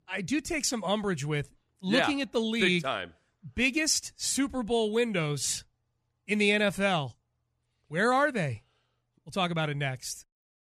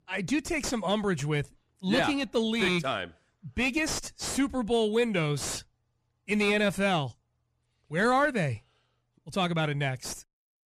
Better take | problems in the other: first | distortion; slight; 8 dB below the speech

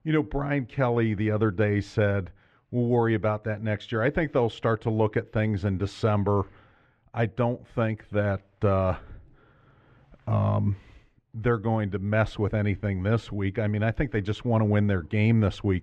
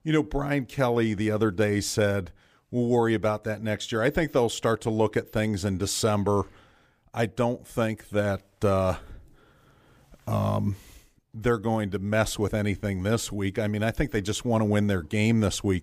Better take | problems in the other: second | muffled; very; fading above 2 kHz

